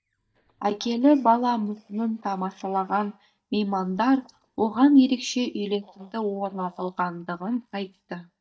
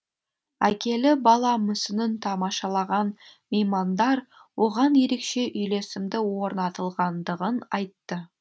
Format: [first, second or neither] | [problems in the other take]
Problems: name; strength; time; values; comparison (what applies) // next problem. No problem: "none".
second | noise reduction (neural mask model DeepFilterNet 3)